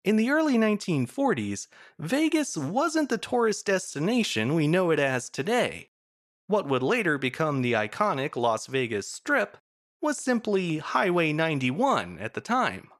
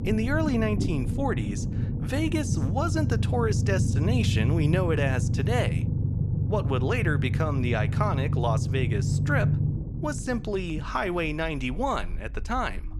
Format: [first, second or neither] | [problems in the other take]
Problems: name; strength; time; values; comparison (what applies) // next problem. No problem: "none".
first | low rumble; loud; throughout; 8 dB below the speech